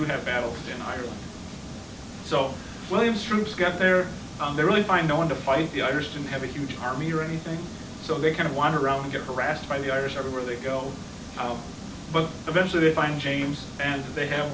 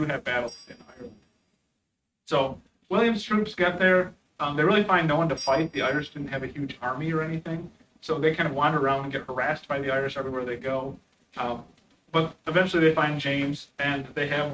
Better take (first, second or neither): first